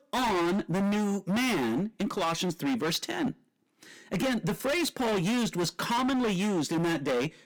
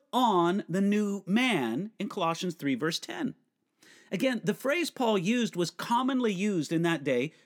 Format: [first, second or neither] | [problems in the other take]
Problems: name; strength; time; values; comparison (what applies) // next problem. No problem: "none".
second | distortion; heavy; 30% of the sound clipped